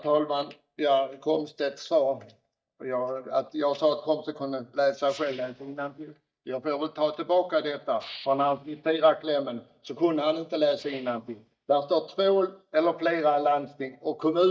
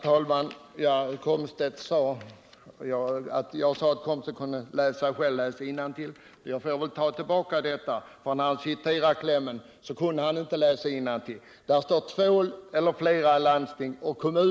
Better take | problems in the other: second | noise reduction (neural mask model DeepFilterNet 3)

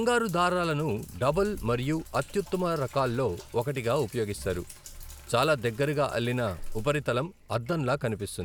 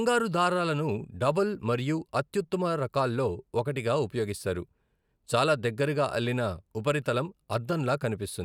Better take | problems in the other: second | background sound (Sink (filling or washing)); 15 dB below the speech

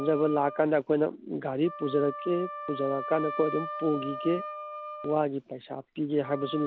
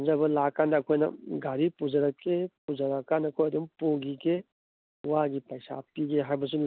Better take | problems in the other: second | background sound (Wind instrument, woodwind instrument); 10 dB below the speech

